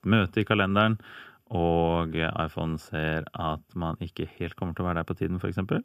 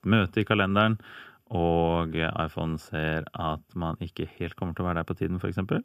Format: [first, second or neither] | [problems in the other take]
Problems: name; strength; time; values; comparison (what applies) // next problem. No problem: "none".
neither | none